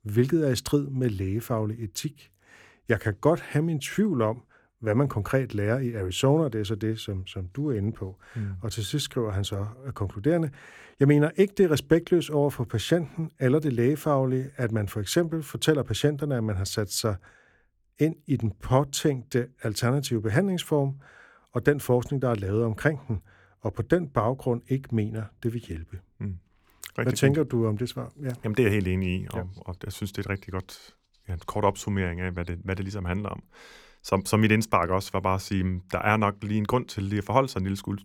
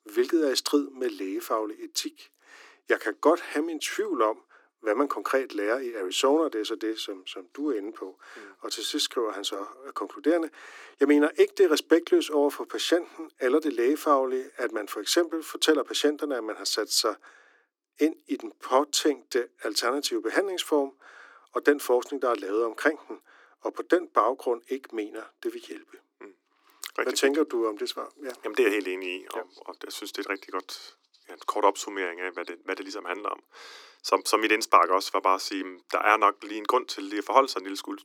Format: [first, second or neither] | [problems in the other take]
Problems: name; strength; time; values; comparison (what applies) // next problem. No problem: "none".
first | thin; somewhat; fading below 300 Hz